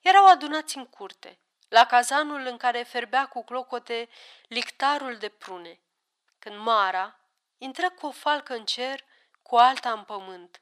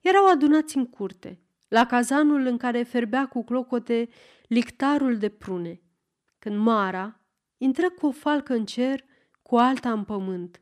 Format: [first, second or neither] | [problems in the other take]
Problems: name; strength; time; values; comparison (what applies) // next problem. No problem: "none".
second | thin; very; fading below 800 Hz